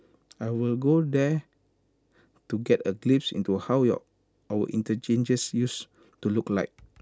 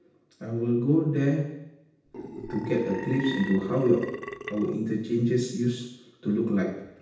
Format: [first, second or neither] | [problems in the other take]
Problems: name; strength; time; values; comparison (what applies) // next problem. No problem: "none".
first | background sound (Burping, eructation); 11 dB below the speech // room echo; dies away in 0.9 s